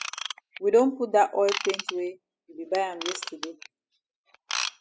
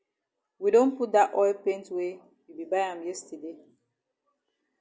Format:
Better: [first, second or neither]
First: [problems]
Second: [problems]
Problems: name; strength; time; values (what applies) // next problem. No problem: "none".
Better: second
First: noise reduction (classical method spectral subtraction)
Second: none